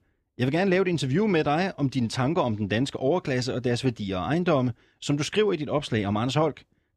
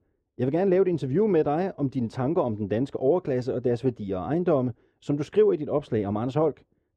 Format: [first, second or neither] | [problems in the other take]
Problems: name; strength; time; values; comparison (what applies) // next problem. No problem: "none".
first | muffled; very; fading above 1.5 kHz